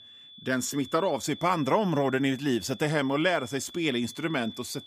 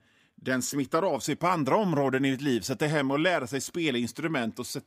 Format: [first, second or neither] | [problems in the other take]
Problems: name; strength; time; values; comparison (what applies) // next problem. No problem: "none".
second | high-pitched whine; noticeable; throughout; 3.5 kHz, 15 dB below the speech